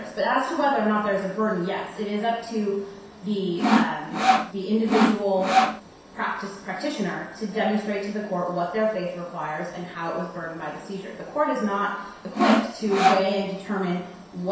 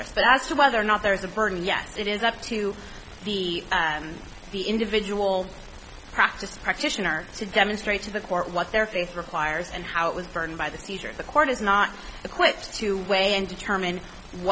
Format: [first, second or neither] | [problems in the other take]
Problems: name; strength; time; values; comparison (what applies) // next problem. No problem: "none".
second | background sound (Sawing); 4 dB above the speech // room echo; dies away in 0.7 s